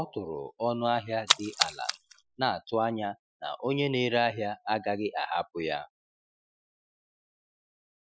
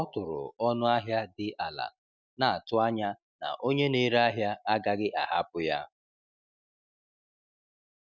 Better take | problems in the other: second | noise reduction (classical method Wiener filter)

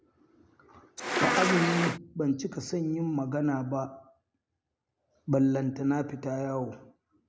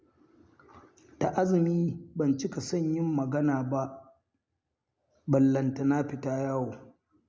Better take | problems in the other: second | background sound (Insect); 3 dB above the speech

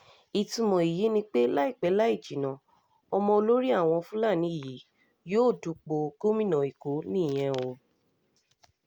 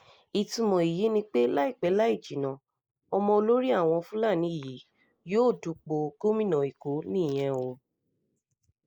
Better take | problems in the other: first | noise reduction (neural mask model Resemble Enhance denoiser)

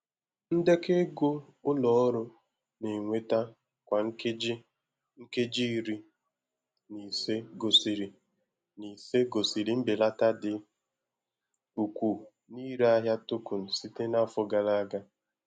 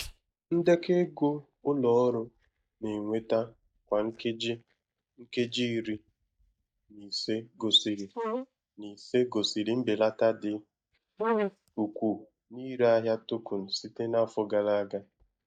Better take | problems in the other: first | noise reduction (neural mask model DeepFilterNet 3)

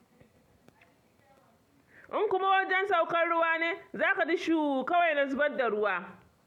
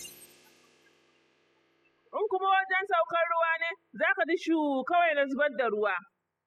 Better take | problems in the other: first | noise reduction (classical method spectral subtraction)

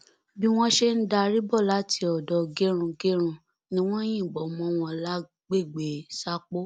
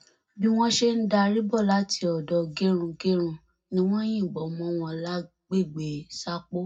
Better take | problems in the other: first | room echo; dies away in 0.3 s

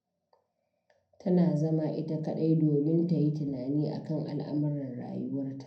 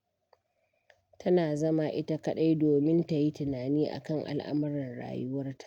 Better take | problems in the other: second | room echo; dies away in 0.6 s

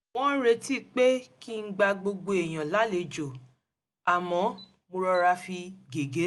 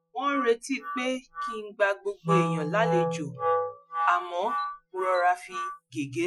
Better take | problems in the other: first | noise reduction (classical method Wiener filter)

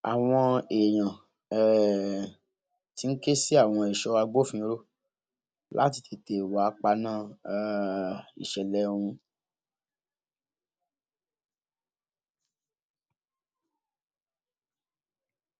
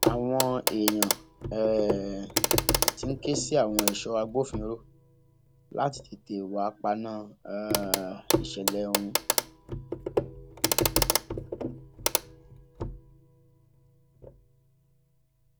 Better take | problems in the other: first | background sound (Clock); 1 dB above the speech

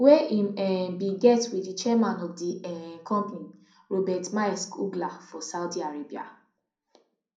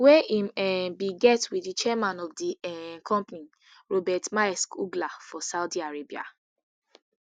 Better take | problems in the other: second | room echo; dies away in 0.5 s

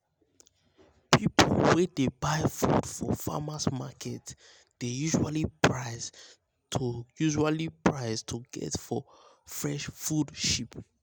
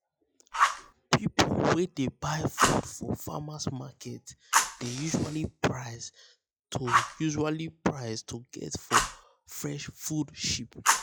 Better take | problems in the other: first | noise reduction (classical method log-MMSE)

